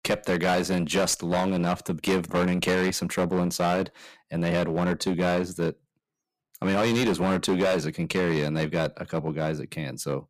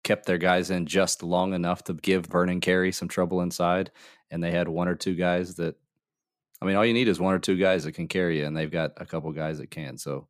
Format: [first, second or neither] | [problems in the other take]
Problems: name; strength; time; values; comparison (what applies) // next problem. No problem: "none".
second | distortion; heavy; 13% of the sound clipped